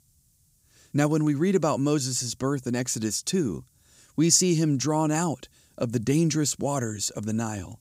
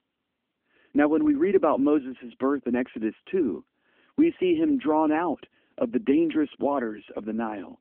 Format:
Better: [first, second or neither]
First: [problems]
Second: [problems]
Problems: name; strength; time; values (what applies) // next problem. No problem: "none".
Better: first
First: none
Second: phone-call audio